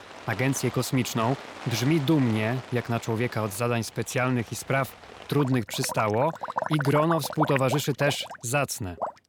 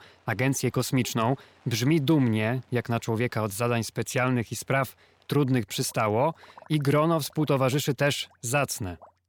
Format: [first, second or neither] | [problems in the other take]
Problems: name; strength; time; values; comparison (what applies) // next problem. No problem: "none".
second | rain or running water; loud; throughout; 10 dB below the speech; faint in the second